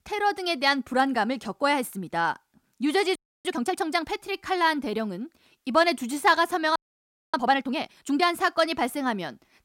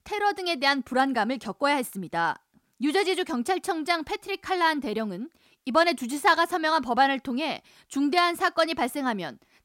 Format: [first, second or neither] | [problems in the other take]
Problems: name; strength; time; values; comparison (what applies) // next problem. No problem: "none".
second | audio freezing; at 3 s and at 7 s for 0.5 s